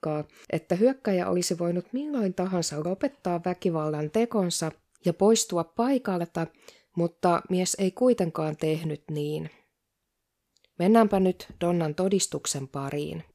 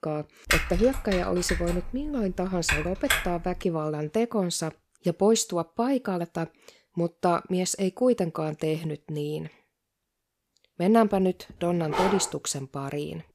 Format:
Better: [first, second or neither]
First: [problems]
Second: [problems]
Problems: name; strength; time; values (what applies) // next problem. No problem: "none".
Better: first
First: none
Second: keyboard typing; loud; until 3.5 s; peak 2 dB above the speech // dog barking; noticeable; at 12 s; peak 1 dB below the speech